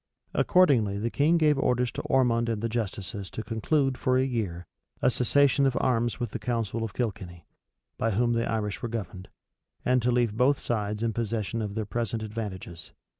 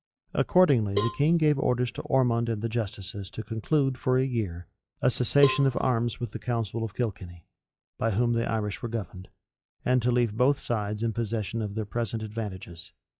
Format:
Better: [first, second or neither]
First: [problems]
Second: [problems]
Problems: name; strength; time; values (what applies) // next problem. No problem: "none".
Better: first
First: none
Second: noise reduction (classical method log-MMSE)